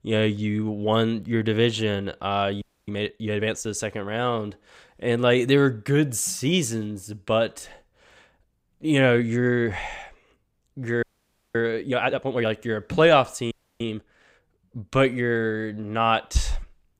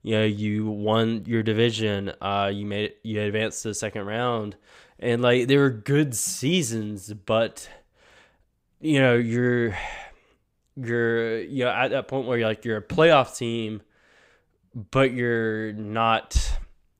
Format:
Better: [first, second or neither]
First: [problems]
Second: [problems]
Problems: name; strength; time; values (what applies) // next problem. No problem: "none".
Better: second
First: audio freezing; at 2.5 s, at 11 s for 0.5 s and at 14 s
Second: none